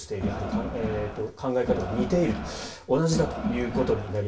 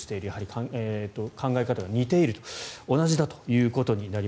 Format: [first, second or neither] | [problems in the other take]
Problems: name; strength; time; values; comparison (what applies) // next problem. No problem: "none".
second | background sound (Crowd); 4 dB below the speech // room echo; dies away in 0.2 s